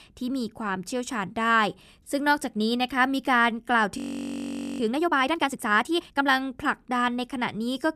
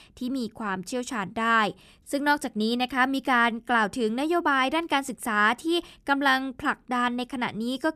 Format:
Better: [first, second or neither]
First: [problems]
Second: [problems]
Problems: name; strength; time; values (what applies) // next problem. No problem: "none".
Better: second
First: audio freezing; at 4 s for 1 s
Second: none